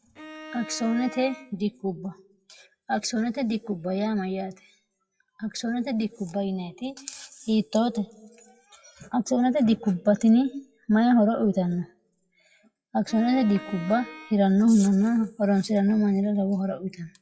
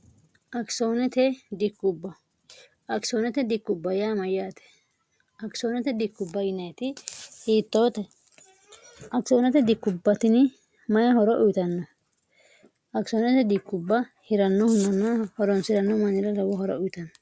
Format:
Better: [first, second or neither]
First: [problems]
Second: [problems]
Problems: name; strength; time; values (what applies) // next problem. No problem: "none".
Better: second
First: noise reduction (classical method WPE with log-MMSE)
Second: none